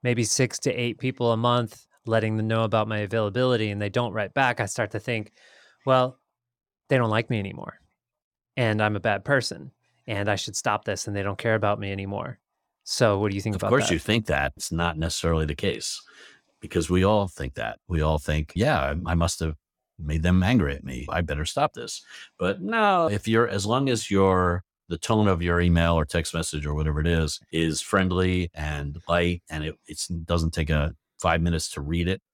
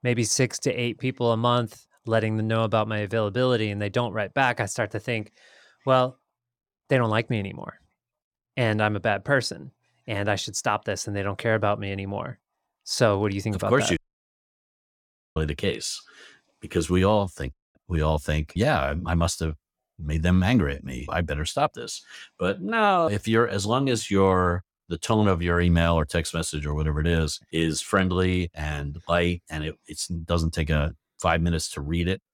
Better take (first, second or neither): first